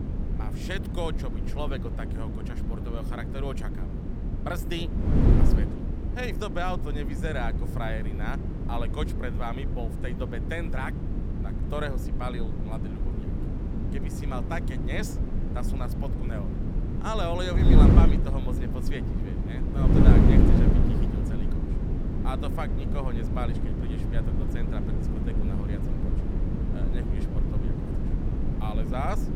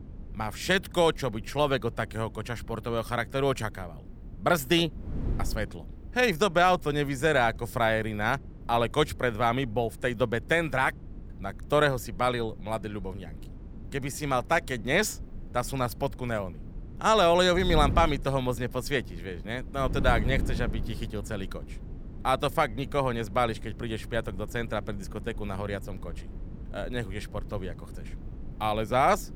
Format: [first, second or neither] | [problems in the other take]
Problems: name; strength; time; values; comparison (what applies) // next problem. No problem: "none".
second | wind noise on the microphone; heavy; 1 dB below the speech; occasional gusts in the second